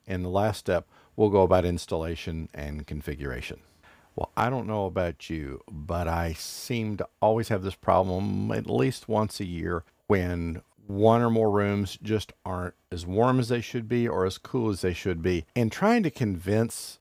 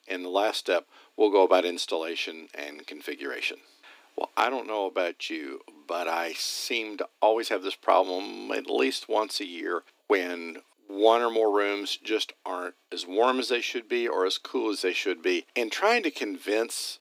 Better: first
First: none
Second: thin; somewhat; fading below 250 Hz

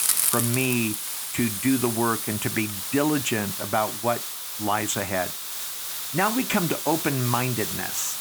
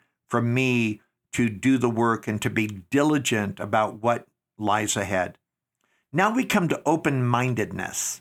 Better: second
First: hiss; loud; throughout; 1 dB below the speech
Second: none

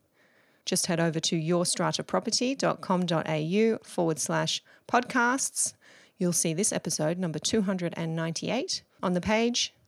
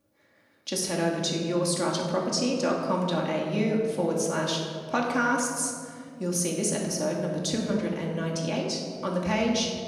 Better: first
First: none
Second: room echo; noticeable; dies away in 2 s // off-mic speech; far

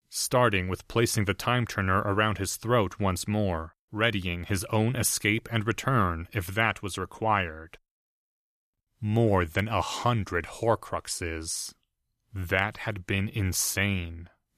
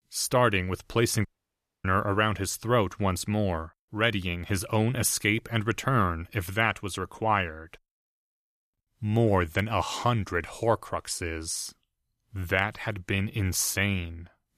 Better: first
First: none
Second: audio cutting out; at 1.5 s for 0.5 s

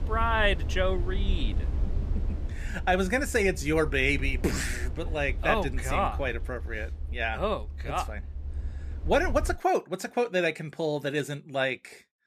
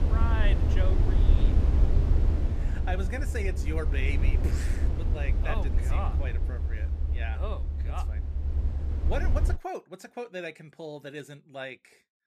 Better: first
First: low rumble; faint; until 9.5 s; 20 dB below the speech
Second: low rumble; loud; until 9.5 s; 4 dB below the speech

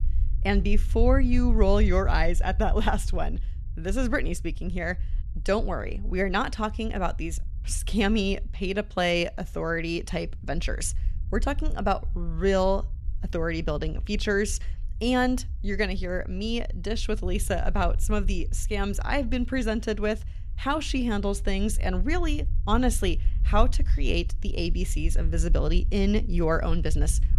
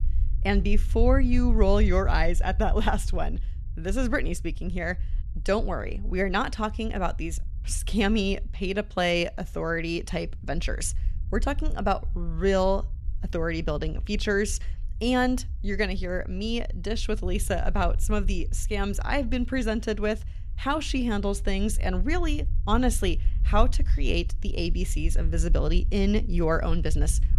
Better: neither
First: low rumble; faint; throughout; 25 dB below the speech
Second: low rumble; faint; throughout; 25 dB below the speech

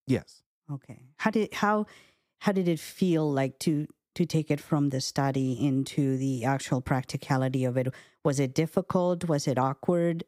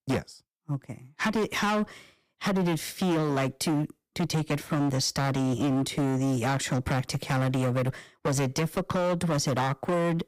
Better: first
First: none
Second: distortion; heavy; 20% of the sound clipped

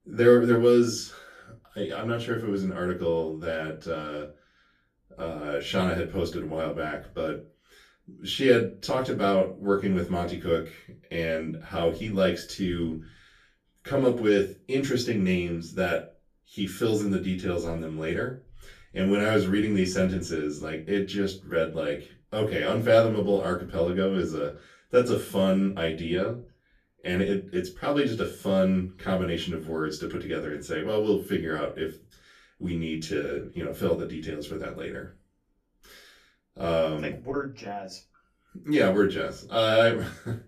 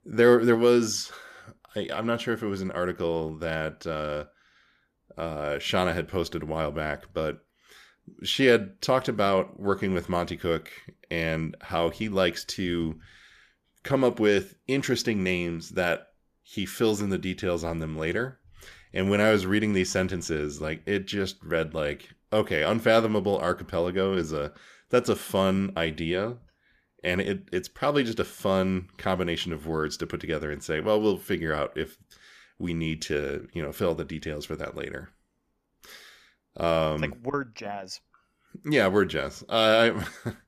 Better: second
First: off-mic speech; far // room echo; very slight; dies away in 0.2 s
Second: none

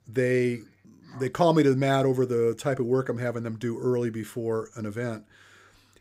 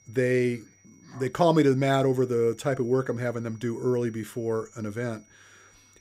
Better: first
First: none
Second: high-pitched whine; faint; throughout; 6 kHz, 30 dB below the speech

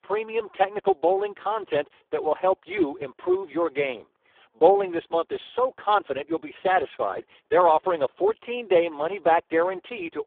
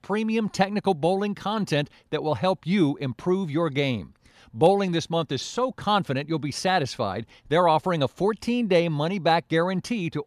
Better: second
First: phone-call audio; poor line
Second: none

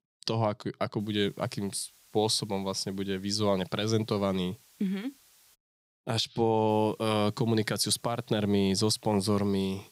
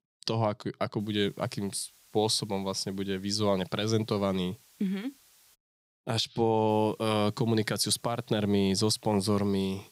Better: neither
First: hiss; faint; from 1 to 5.5 s and from 6.5 s on; 30 dB below the speech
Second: hiss; faint; from 1 to 5.5 s and from 6.5 s on; 30 dB below the speech

